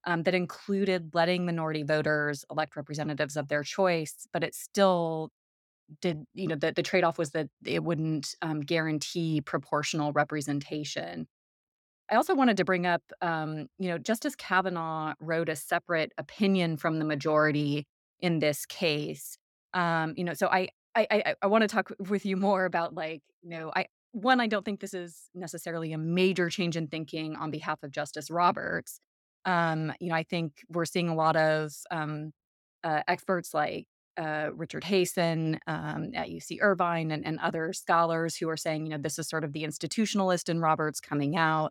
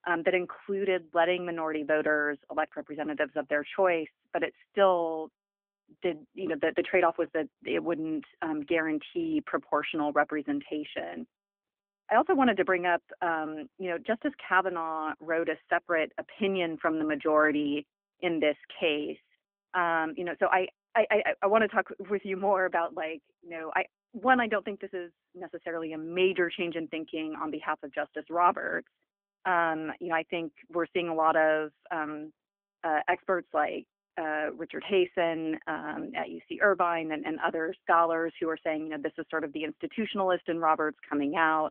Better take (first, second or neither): first